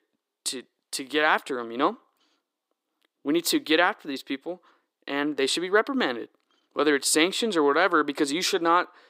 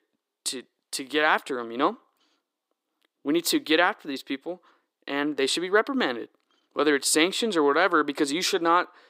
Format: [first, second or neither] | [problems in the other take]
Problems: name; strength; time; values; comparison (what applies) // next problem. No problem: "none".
neither | thin; somewhat; fading below 300 Hz; the same in both